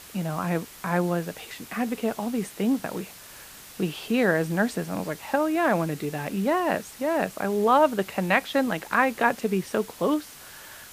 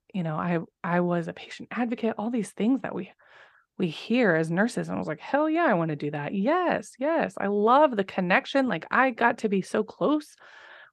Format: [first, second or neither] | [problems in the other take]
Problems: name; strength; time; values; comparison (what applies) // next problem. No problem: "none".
second | hiss; noticeable; throughout; 15 dB below the speech